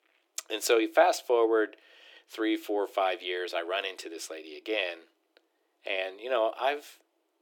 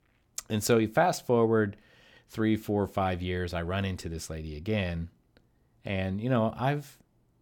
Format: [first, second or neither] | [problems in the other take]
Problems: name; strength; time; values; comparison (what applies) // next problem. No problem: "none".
second | thin; very; fading below 300 Hz